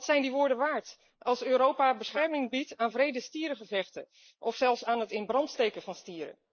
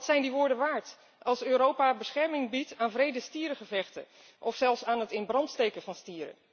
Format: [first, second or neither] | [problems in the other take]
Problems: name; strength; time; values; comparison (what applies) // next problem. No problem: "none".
second | noise reduction (neural mask model Resemble Enhance denoiser)